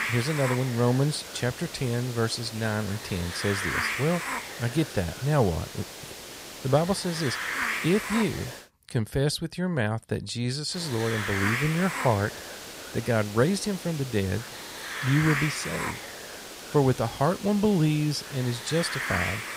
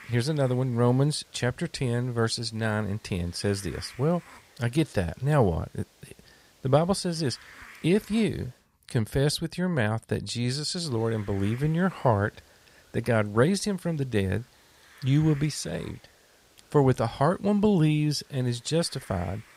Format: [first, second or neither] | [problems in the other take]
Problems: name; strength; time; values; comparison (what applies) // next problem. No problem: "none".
second | hiss; loud; until 8.5 s and from 11 s on; 6 dB below the speech; faint in the second